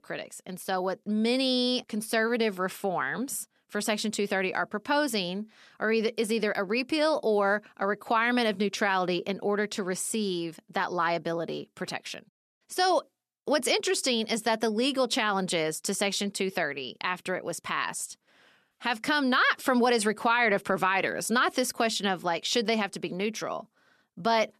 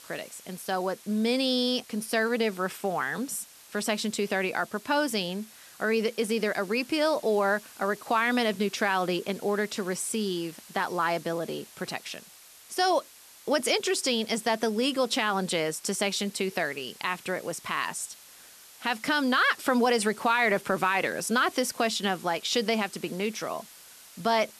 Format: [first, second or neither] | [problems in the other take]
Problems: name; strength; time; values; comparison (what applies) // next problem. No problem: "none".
first | hiss; faint; throughout; 20 dB below the speech